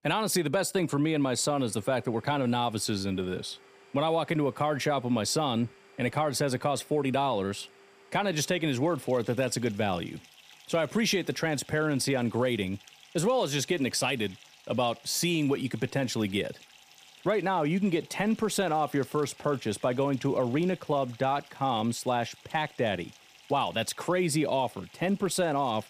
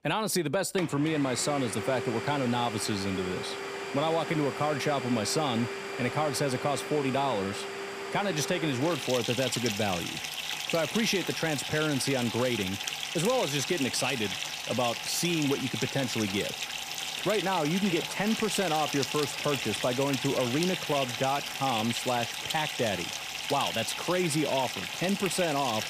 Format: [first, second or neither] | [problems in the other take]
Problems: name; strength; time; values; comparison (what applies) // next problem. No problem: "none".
first | household noises; loud; throughout; 4 dB below the speech; faint in the first